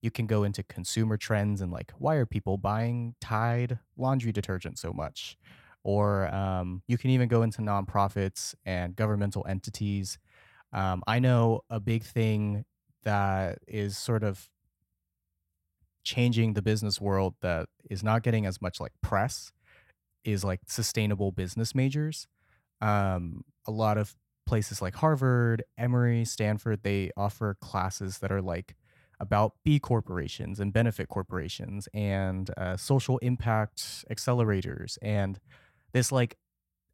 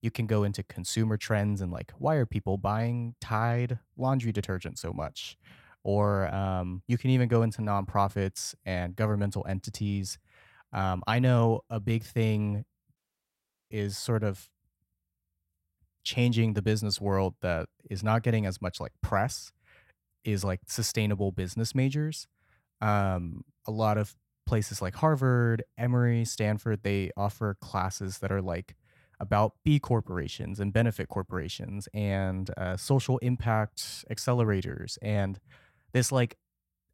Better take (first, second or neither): first